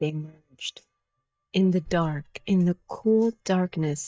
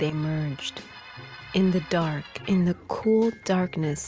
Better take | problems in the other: second | noise reduction (neural mask model DeepFilterNet 3)

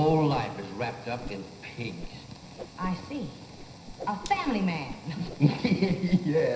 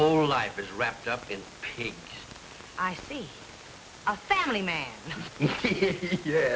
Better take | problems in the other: second | background sound (Whoosh, swoosh, swish); 16 dB below the speech // room echo; dies away in 0.9 s

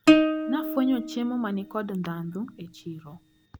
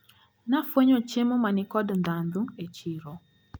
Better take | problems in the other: second | background sound (Plucked string instrument); 3 dB above the speech

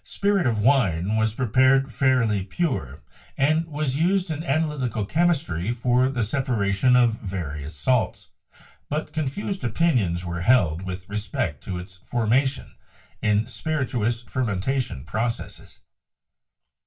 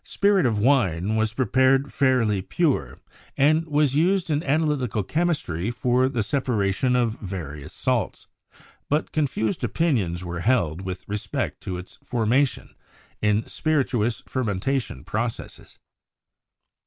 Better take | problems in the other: second | room echo; dies away in 0.2 s

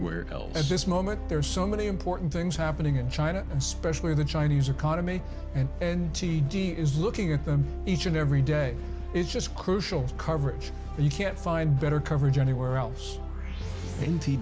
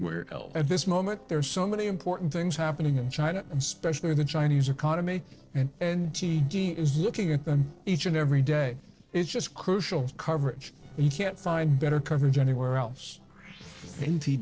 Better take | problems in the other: first | noise reduction (neural separator model SepFormer DNS4)

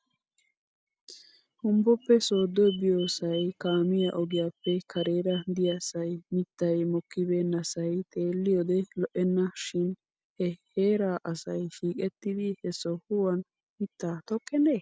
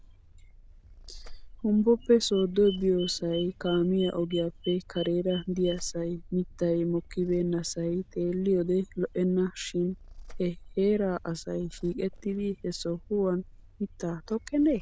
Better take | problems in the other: first | background sound (Purr); 18 dB below the speech

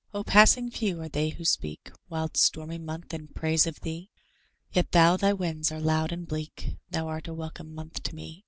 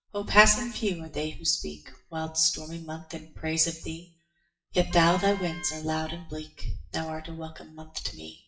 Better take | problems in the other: first | noise reduction (classical method WPE with log-MMSE)

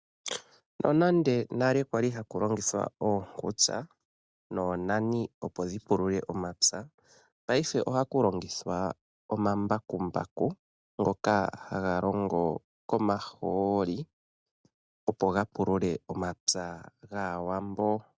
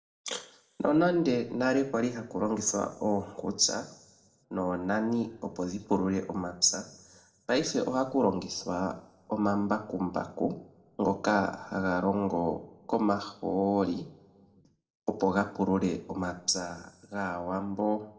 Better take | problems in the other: first | room echo; dies away in 0.6 s

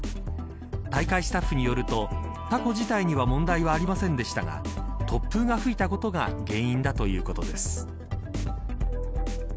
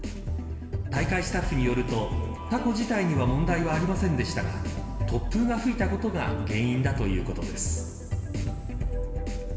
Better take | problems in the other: first | room echo; dies away in 2.1 s

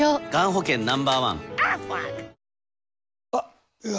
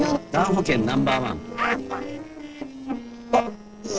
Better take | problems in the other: first | noise reduction (neural separator model SepFormer DNS4)

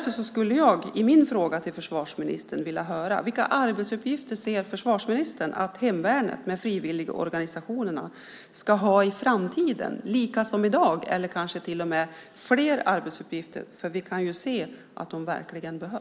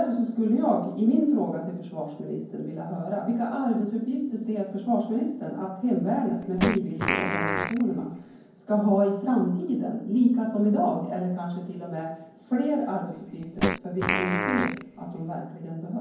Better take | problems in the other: first | background sound (Fart); 3 dB below the speech // room echo; dies away in 0.9 s

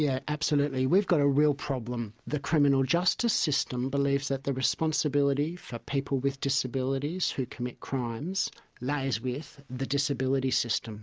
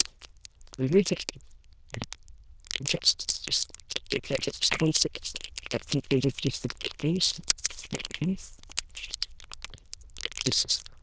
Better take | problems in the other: first | noise reduction (neural diffusion model UNIVERSE++)

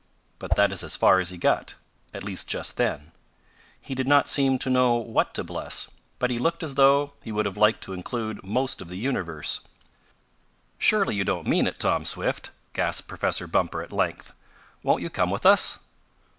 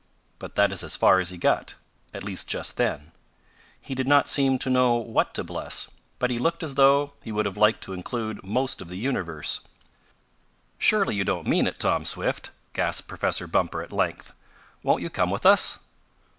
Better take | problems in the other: second | background sound (Whoosh, swoosh, swish); as loud as the speech

